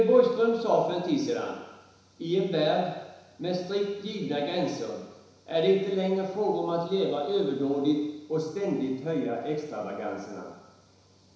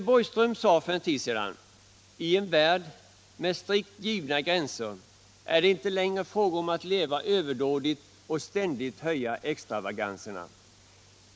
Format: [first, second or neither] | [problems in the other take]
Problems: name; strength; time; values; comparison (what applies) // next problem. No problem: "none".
second | room echo; dies away in 1 s